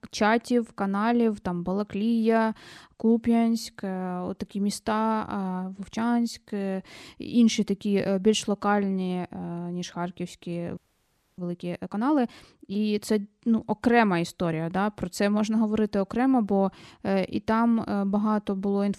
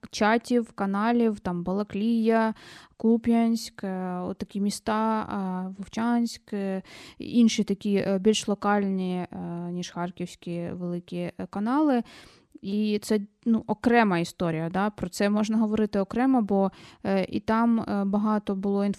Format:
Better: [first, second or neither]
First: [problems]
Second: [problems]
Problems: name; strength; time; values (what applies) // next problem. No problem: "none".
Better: second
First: audio freezing; at 11 s for 0.5 s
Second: none